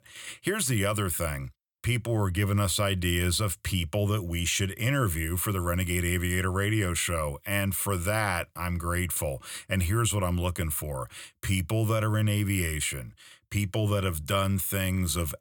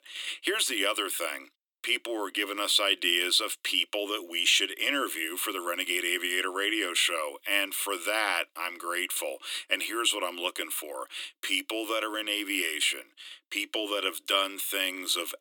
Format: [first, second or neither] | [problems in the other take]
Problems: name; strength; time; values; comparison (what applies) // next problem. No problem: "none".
first | thin; very; fading below 300 Hz